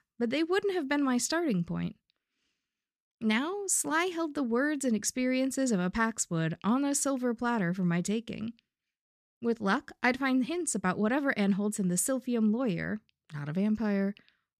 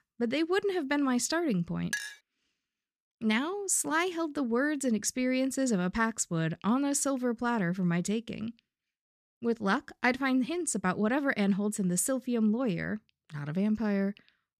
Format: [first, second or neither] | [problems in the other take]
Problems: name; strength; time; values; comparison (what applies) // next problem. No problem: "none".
first | clattering dishes; noticeable; at 2 s; peak 6 dB below the speech